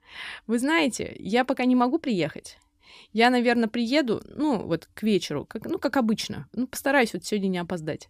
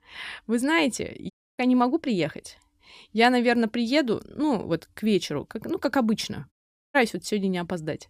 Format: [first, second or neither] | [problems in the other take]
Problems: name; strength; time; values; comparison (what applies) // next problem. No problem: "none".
first | audio cutting out; at 1.5 s and at 6.5 s